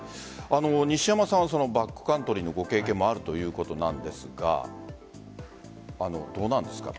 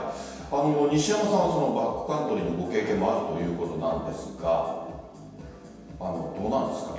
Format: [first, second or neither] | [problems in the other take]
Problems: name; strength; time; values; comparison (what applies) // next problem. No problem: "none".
first | room echo; dies away in 1.2 s